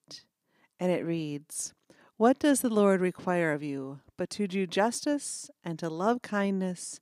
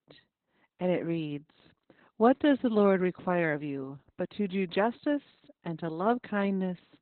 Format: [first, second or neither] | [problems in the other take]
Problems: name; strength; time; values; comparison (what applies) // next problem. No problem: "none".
first | garbled, watery; badly; nothing above 4 kHz